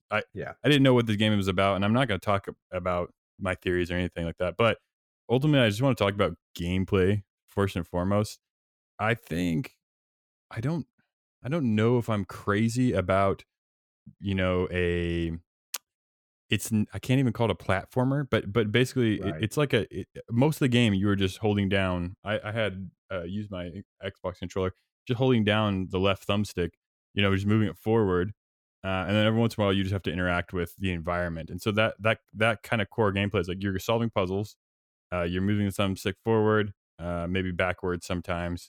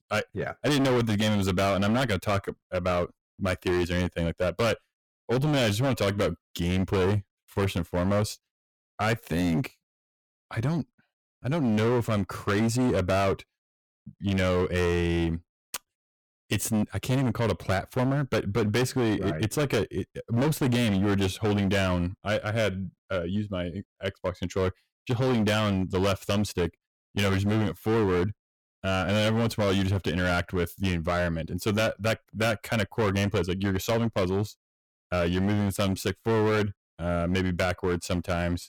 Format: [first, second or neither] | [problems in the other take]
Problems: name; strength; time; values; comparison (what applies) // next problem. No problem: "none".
first | distortion; heavy; 18% of the sound clipped